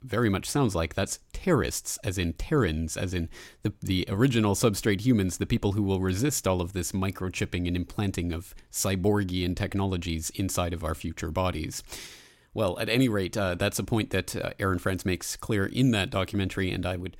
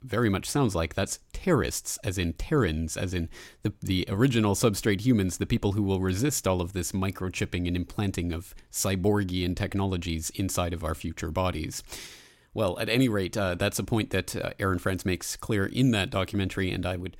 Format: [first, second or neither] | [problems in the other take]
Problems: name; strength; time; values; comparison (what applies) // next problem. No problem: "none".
neither | none